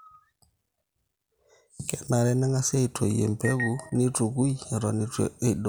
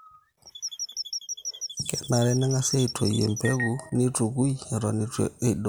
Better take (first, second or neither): first